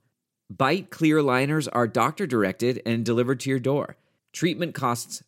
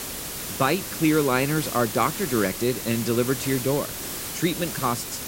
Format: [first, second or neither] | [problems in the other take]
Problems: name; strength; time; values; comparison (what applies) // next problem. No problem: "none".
first | hiss; loud; throughout; 6 dB below the speech